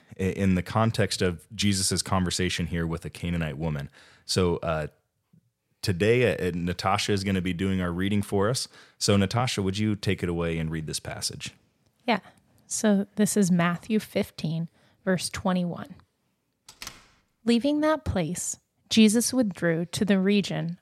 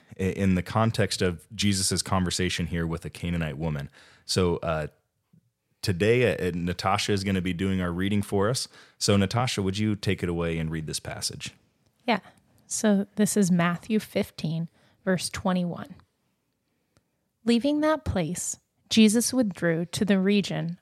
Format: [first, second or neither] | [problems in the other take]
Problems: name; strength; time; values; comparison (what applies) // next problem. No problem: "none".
second | door banging; faint; at 17 s; peak 15 dB below the speech